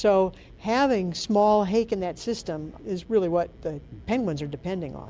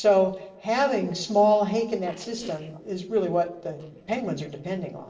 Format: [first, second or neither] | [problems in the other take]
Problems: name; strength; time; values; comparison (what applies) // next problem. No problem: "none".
first | noise reduction (neural separator model SepFormer DNS4)